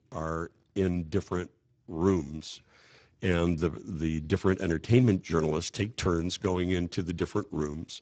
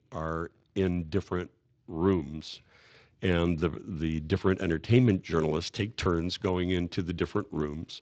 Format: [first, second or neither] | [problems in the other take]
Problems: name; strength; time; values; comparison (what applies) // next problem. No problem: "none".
second | garbled, watery; badly; nothing above 8 kHz; slightly in the second